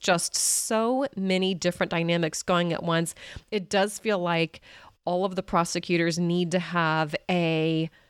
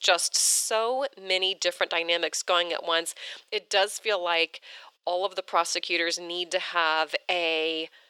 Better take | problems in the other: first | thin; very; fading below 400 Hz

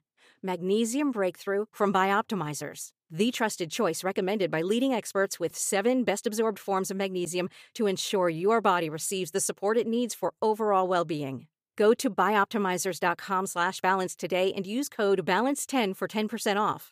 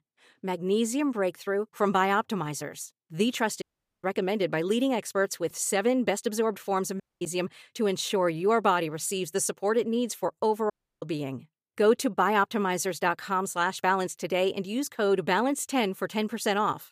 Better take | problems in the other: first | audio cutting out; at 3.5 s, at 7 s and at 11 s

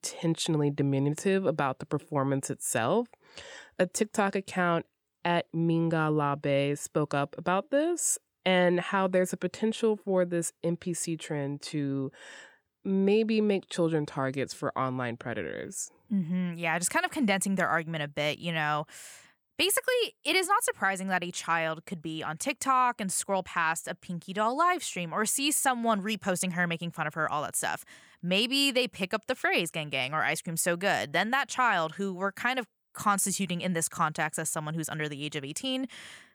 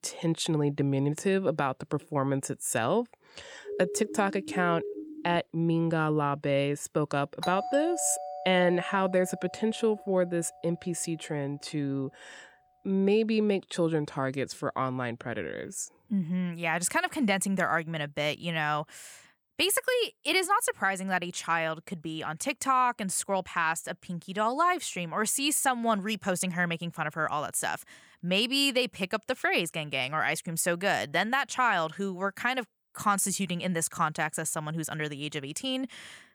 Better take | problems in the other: first | siren; noticeable; from 3.5 to 5.5 s; peak 7 dB below the speech // doorbell; noticeable; from 7.5 to 10 s; peak 7 dB below the speech

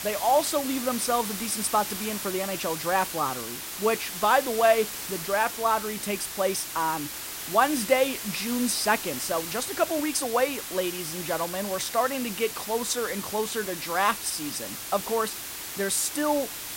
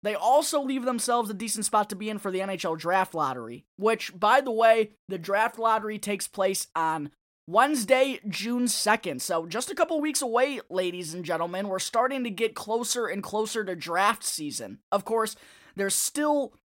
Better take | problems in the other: second | hiss; loud; throughout; 6 dB below the speech

